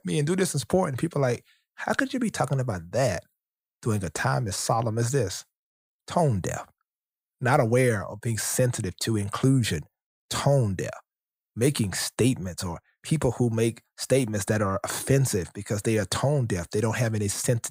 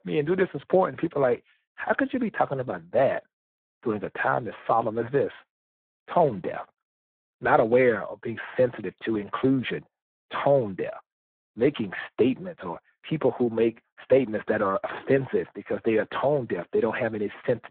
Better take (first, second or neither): first